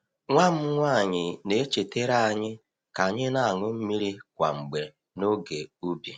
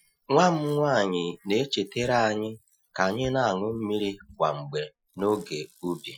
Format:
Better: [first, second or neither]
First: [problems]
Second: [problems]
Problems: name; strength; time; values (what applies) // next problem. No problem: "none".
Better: first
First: none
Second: noise reduction (classical method Wiener filter)